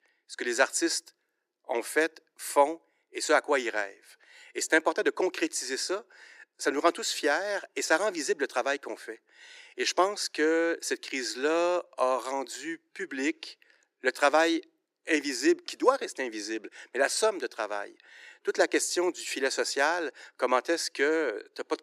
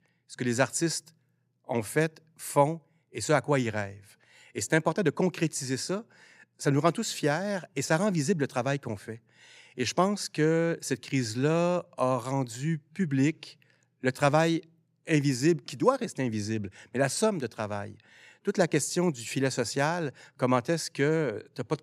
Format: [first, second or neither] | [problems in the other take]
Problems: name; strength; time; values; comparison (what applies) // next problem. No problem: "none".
second | thin; somewhat; fading below 350 Hz